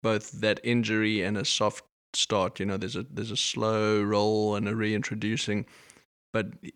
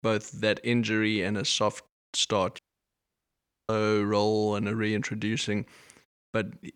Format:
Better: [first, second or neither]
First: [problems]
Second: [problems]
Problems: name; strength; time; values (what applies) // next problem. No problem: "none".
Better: first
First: none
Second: audio cutting out; at 2.5 s for 1 s